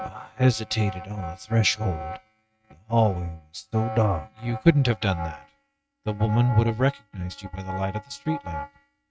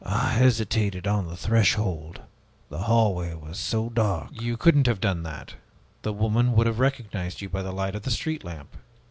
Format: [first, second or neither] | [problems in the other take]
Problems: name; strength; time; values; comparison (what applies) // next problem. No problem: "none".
second | noise reduction (neural mask model RNNoise)